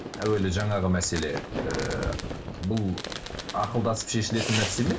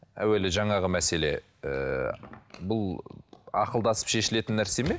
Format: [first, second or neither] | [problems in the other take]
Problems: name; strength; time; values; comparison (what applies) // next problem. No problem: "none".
second | background sound (Fireworks); 7 dB below the speech // room echo; dies away in 0.2 s